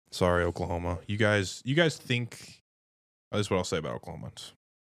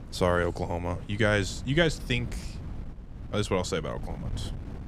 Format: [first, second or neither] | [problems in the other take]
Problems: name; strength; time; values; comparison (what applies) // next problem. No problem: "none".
first | wind noise on the microphone; occasional gusts; 20 dB below the speech